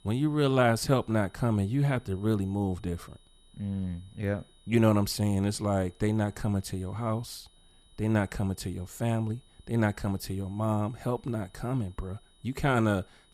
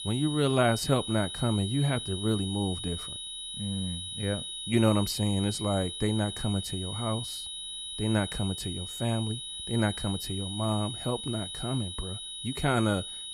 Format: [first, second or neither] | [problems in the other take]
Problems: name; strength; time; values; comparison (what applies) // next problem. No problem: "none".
first | high-pitched whine; loud; throughout; 4 kHz, 6 dB below the speech; faint in the first